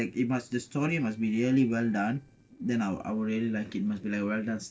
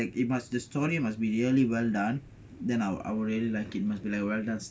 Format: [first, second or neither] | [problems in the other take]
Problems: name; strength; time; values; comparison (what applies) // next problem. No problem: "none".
second | noise reduction (neural separator model SepFormer DNS4)